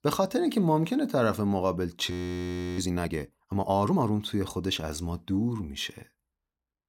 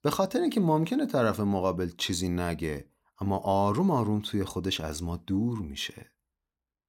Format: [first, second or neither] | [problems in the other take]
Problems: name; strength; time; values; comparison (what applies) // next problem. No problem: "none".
second | audio freezing; at 2 s for 0.5 s